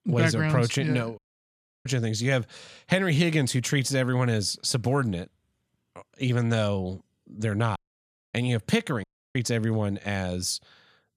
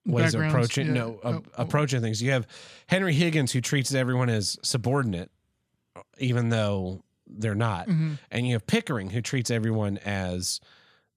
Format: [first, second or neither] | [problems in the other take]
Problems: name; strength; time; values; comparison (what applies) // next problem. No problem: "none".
second | audio cutting out; at 1 s for 0.5 s, at 8 s for 0.5 s and at 9 s